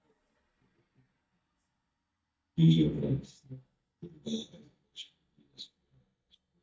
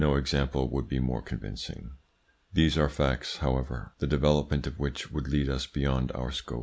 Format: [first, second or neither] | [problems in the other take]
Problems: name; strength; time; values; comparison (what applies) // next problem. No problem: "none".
second | noise reduction (neural mask model DeepFilterNet 3)